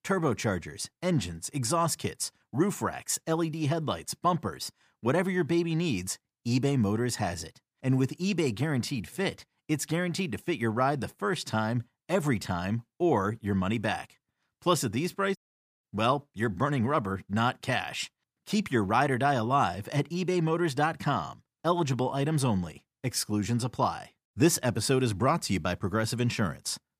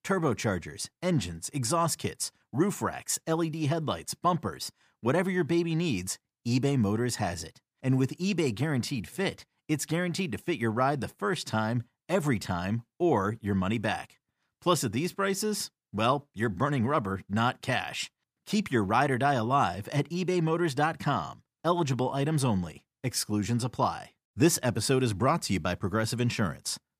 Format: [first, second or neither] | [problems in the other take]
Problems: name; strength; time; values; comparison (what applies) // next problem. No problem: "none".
second | audio cutting out; at 15 s